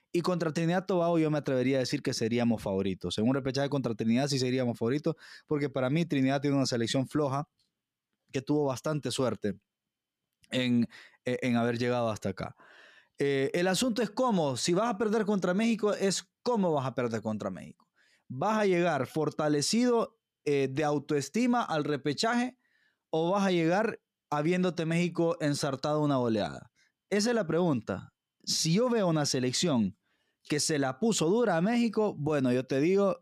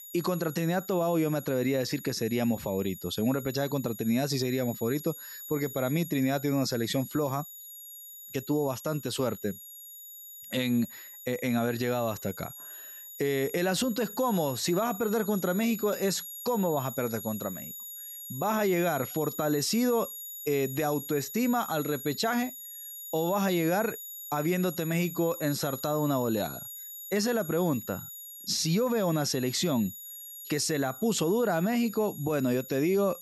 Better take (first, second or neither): first